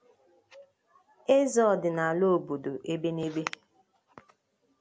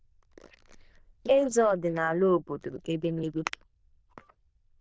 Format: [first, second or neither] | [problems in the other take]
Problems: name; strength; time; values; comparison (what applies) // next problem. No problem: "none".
first | noise reduction (neural diffusion model UNIVERSE++)